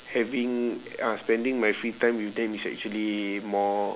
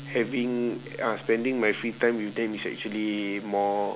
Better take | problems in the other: first | background sound (Bass guitar); 20 dB below the speech

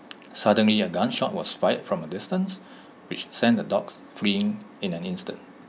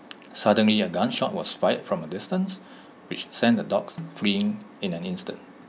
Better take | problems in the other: first | background sound (Snare drum); 19 dB below the speech

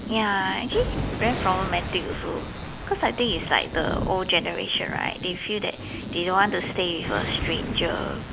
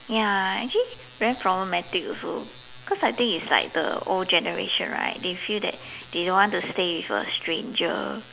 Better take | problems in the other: second | background sound (Thunder); 6 dB below the speech

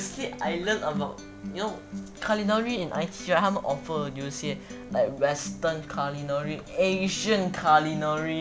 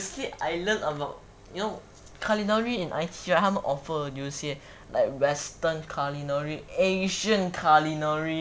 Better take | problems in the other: second | background sound (Acoustic guitar); 11 dB below the speech

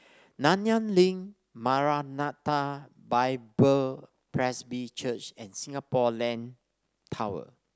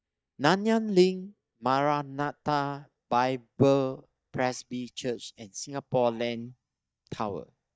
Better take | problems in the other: first | noise reduction (neural mask model DeepFilterNet 3)

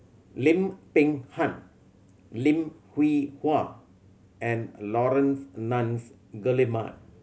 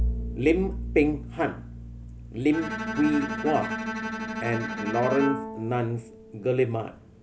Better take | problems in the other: first | background sound (Bowed string instrument + Bowed string instrument); 5 dB below the speech

